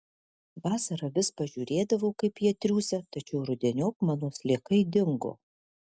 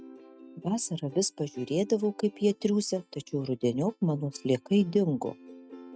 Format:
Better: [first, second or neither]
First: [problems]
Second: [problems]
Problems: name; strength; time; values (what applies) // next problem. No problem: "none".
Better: first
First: none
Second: noise reduction (neural mask model RNNoise)